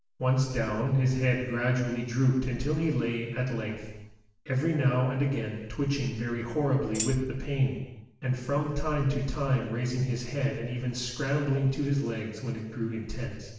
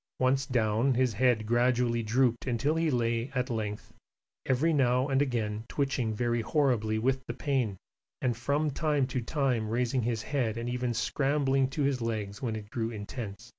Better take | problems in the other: second | background sound (Tambourine); 8 dB below the speech // room echo; dies away in 1 s

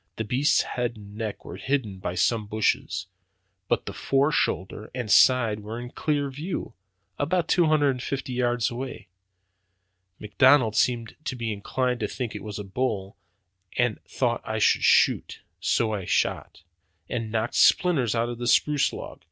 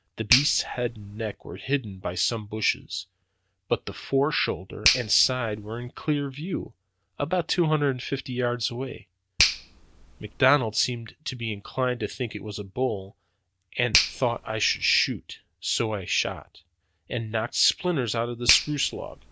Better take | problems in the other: first | background sound (Finger snapping); 6 dB below the speech

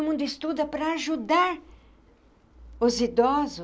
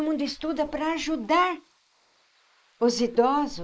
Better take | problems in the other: first | noise reduction (neural mask model Resemble Enhance denoiser)

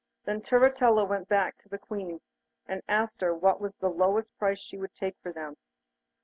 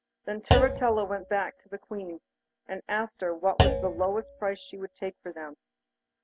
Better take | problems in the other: first | background sound (Thump, thud); as loud as the speech

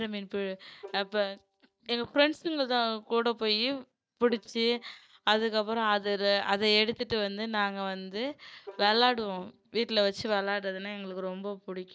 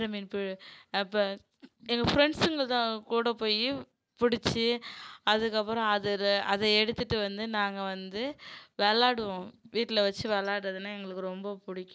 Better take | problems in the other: second | noise reduction (neural mask model DeepFilterNet 3)

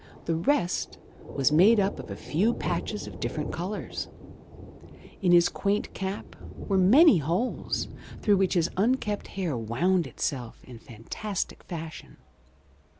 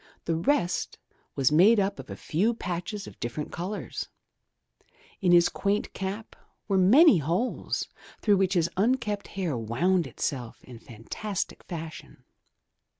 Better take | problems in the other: second | background sound (Thunder); 13 dB below the speech

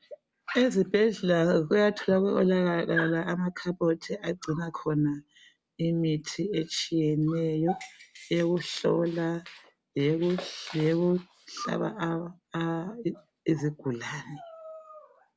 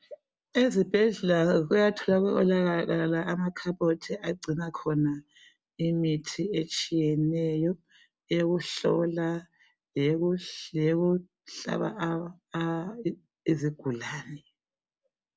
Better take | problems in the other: second | background sound (Dog); 17 dB below the speech

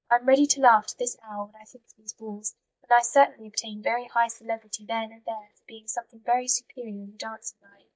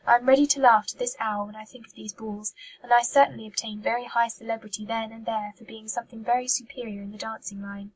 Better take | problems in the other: second | noise reduction (neural mask model DeepFilterNet 3)

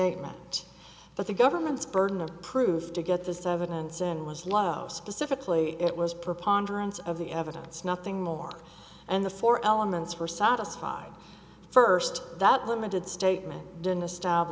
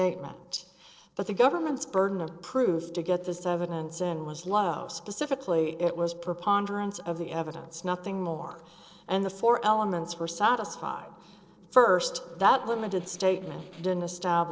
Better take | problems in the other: first | noise reduction (neural separator model SepFormer DNS4)

